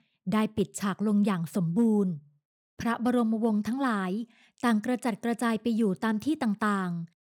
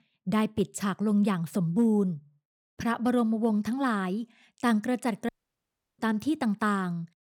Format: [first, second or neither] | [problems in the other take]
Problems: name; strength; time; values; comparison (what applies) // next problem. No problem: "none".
first | audio cutting out; at 5.5 s for 0.5 s